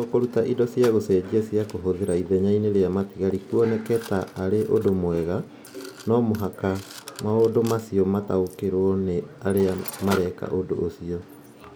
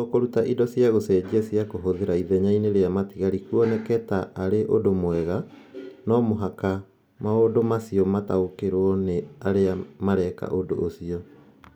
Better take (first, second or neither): second